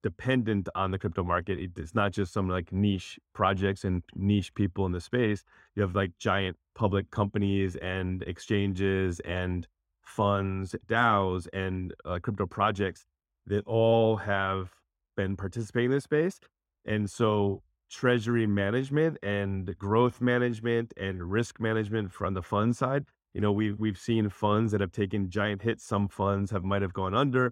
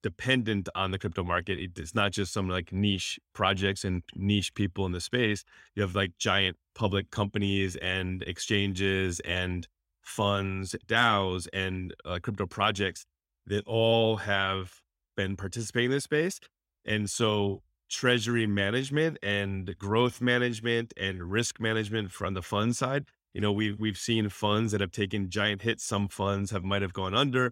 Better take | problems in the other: second | muffled; slightly; fading above 2 kHz

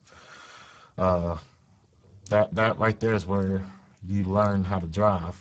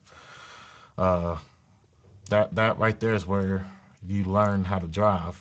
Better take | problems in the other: second | garbled, watery; badly; slightly in the second

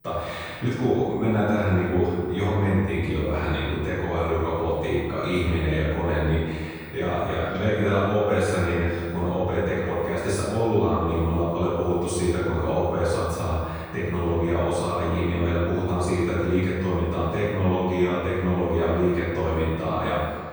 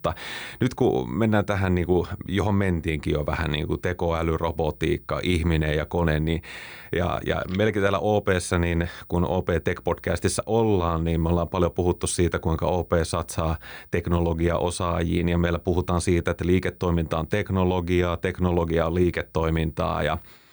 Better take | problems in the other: second | room echo; strong; dies away in 1.6 s // off-mic speech; far

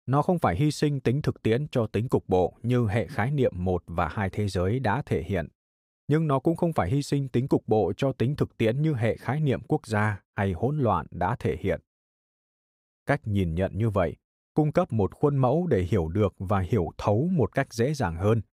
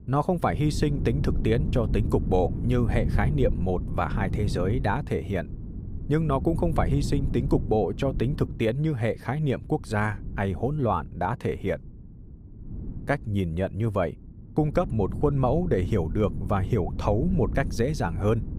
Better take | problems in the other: first | wind noise on the microphone; occasional gusts; 15 dB below the speech

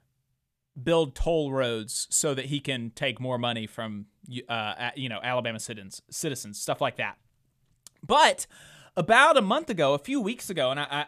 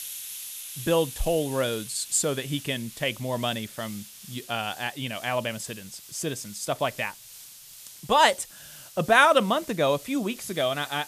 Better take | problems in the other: first | hiss; noticeable; throughout; 15 dB below the speech

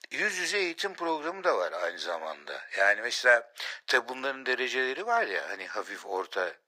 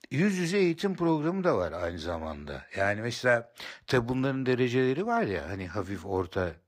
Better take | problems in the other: second | thin; very; fading below 500 Hz

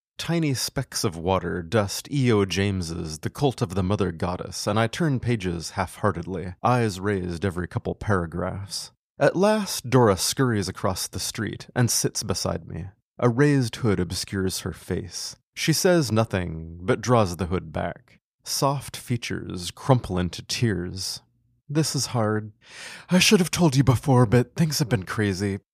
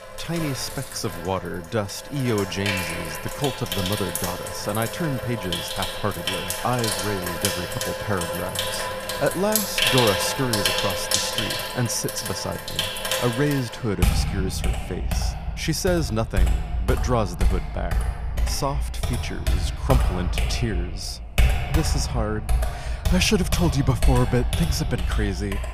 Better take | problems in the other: first | household noises; very loud; throughout; 1 dB above the speech

